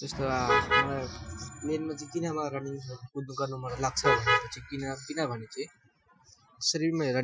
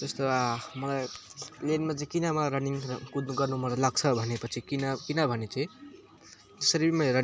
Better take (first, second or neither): second